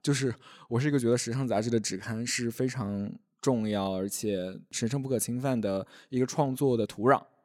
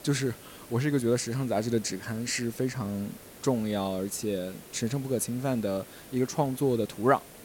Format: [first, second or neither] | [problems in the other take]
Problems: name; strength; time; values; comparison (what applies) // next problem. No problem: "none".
first | hiss; noticeable; throughout; 20 dB below the speech